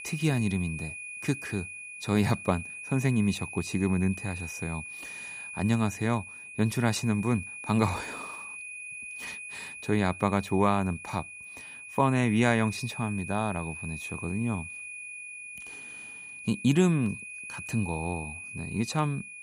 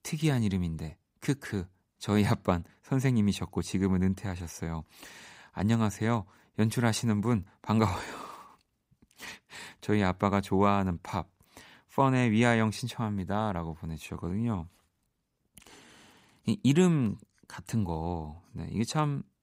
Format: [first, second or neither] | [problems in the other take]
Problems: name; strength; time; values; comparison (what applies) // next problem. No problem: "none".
second | high-pitched whine; loud; throughout; 2.5 kHz, 10 dB below the speech